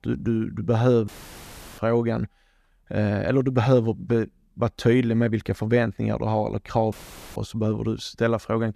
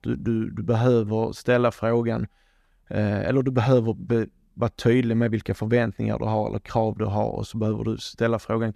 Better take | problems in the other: second | audio cutting out; filled with static; at 1 s for 0.5 s and at 7 s

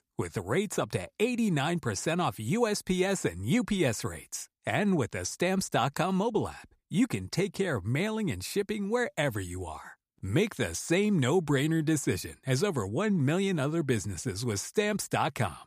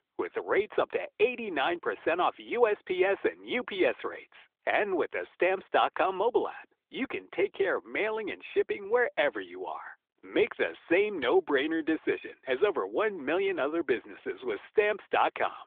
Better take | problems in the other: first | phone-call audio; nothing above 3.5 kHz

